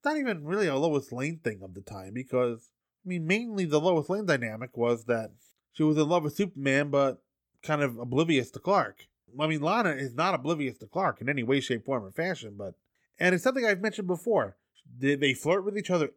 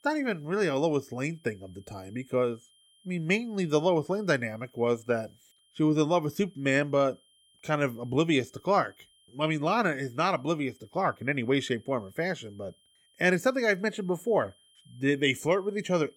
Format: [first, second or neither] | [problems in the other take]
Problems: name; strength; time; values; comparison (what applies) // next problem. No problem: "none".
first | high-pitched whine; faint; throughout; 3 kHz, 35 dB below the speech